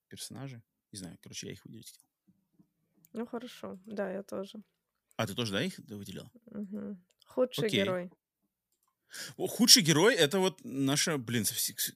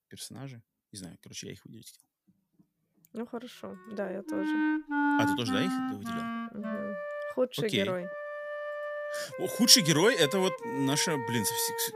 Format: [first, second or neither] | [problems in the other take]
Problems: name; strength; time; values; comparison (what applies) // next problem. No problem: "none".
first | background music; loud; from 4.5 s on; 6 dB below the speech